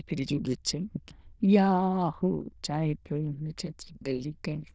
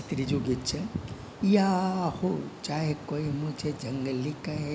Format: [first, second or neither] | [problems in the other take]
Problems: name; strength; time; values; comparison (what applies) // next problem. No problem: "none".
second | noise reduction (neural diffusion model UNIVERSE++)